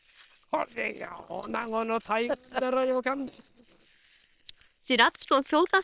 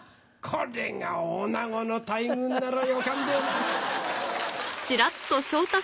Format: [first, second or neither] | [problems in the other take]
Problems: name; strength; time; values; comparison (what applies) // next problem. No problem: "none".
second | noise reduction (neural separator model SepFormer WHAM!)